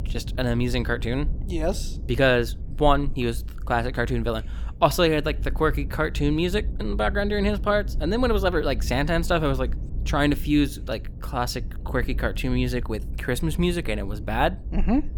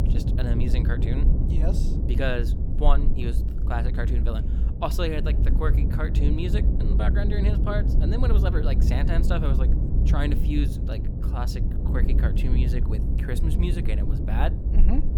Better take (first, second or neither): first